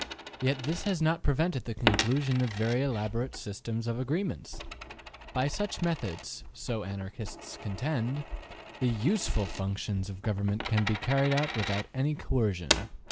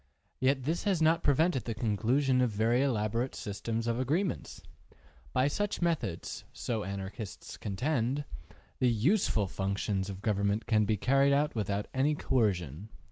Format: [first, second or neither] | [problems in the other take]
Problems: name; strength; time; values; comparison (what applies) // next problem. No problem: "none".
second | background sound (Coin (dropping)); 8 dB below the speech